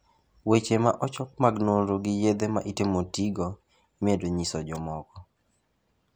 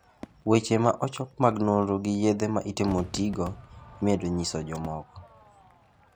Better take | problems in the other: first | background sound (Crowd / Fireworks); 20 dB below the speech

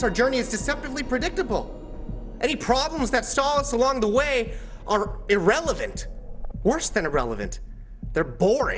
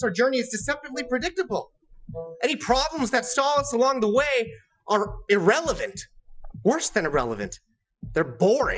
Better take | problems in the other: first | noise reduction (classical method Wiener filter)

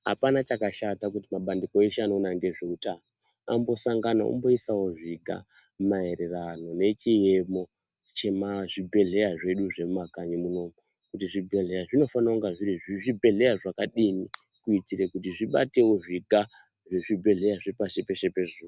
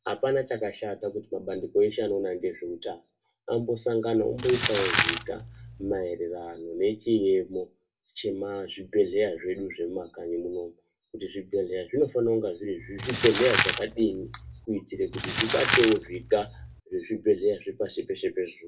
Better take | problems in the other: first | background sound (Crumpling, crinkling); 2 dB below the speech // room echo; dies away in 0.2 s

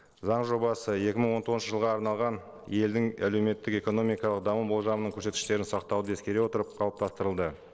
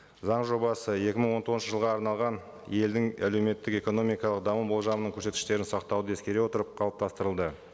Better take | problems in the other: second | noise reduction (neural separator model SepFormer DNS4)

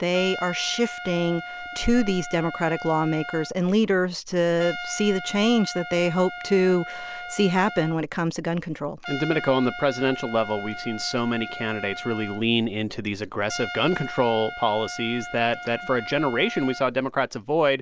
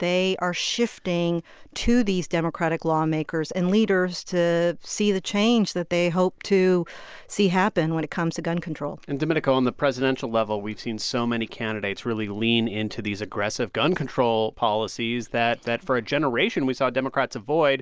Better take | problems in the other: second | background sound (Trumpet); 12 dB below the speech

